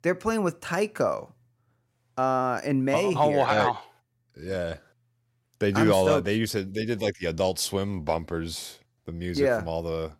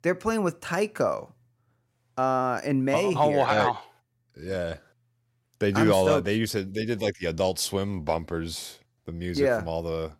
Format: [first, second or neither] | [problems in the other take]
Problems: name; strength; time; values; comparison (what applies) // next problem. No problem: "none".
neither | none